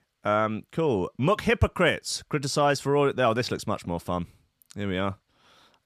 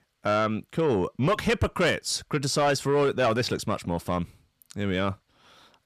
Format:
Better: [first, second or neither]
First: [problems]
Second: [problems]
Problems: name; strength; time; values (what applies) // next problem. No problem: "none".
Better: first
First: none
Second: distortion; slight; 10 dB below the speech